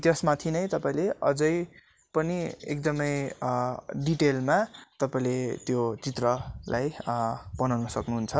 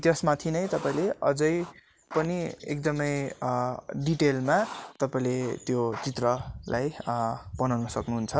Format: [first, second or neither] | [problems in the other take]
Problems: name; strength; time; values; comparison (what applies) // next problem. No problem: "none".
first | background sound (Writing); 16 dB below the speech